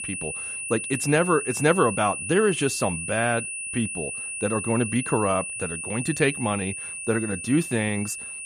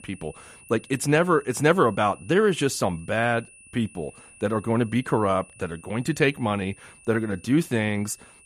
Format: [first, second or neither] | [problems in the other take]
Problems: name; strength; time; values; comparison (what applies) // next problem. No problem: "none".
second | high-pitched whine; loud; throughout; 2.5 kHz, 5 dB below the speech; faint in the second